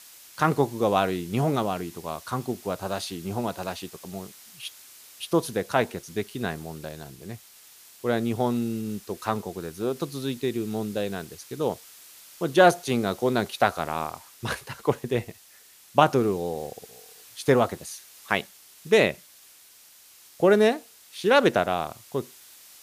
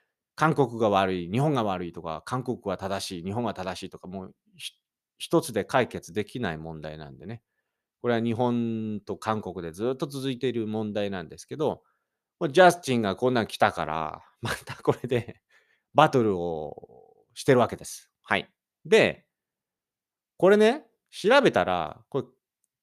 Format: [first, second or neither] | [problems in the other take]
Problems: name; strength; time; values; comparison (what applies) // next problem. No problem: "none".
second | hiss; faint; throughout; 20 dB below the speech